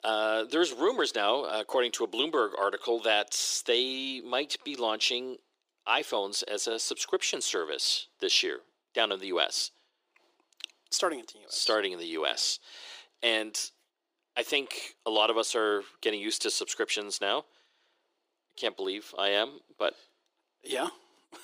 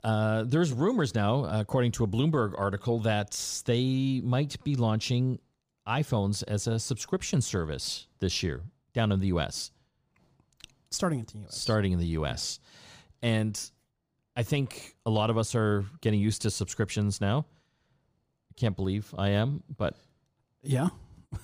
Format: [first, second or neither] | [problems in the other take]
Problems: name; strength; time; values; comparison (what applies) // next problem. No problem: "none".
second | thin; very; fading below 350 Hz